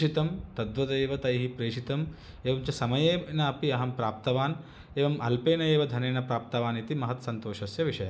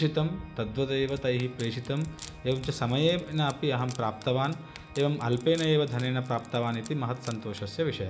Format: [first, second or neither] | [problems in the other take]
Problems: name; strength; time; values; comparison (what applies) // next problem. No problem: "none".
first | background sound (Organ + Wood); 19 dB below the speech